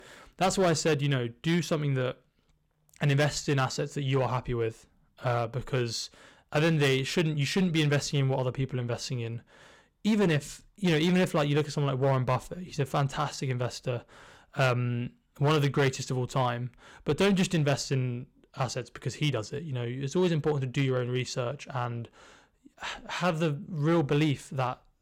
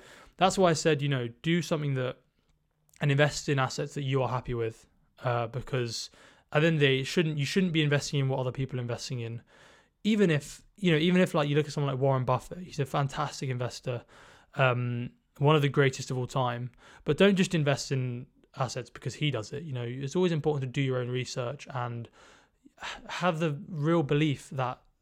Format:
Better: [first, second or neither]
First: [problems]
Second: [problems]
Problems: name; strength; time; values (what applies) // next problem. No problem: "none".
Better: second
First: distortion; slight; 5% of the sound clipped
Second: none